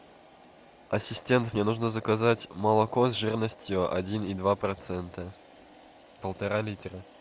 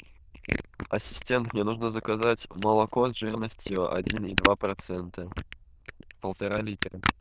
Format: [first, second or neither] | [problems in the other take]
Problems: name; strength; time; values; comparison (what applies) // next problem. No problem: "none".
first | noise reduction (neural diffusion model UNIVERSE++)